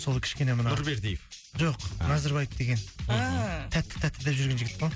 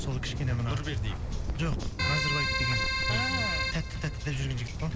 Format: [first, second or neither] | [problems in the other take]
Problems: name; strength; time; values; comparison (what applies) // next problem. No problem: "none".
first | background sound (Wind + Keyboard (musical)); 2 dB above the speech